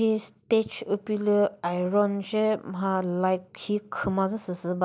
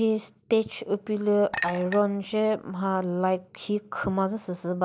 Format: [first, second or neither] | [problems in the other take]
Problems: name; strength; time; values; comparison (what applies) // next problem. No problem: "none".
first | background sound (Chink, clink); 10 dB below the speech